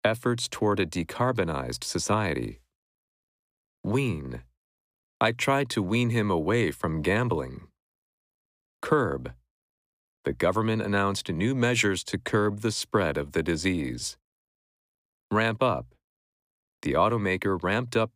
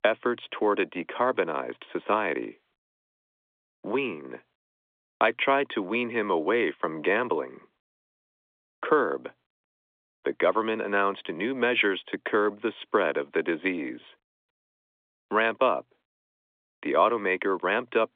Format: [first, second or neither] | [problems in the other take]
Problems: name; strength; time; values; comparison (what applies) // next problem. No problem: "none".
first | phone-call audio; nothing above 3.5 kHz